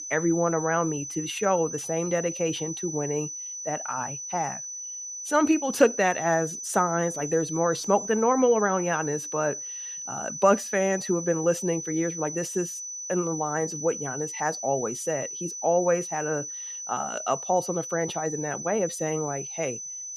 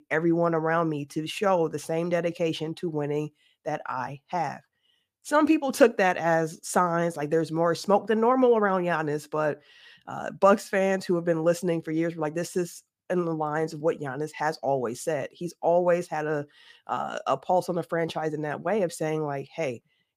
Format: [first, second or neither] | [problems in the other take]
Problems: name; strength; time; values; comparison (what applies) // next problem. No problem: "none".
second | high-pitched whine; loud; throughout; 6 kHz, 7 dB below the speech